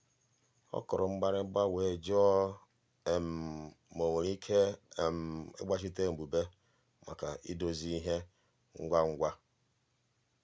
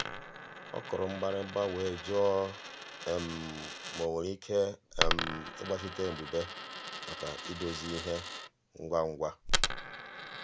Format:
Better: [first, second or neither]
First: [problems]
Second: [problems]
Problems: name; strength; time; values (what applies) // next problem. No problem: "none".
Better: first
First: none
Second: background sound (Coin (dropping)); 2 dB below the speech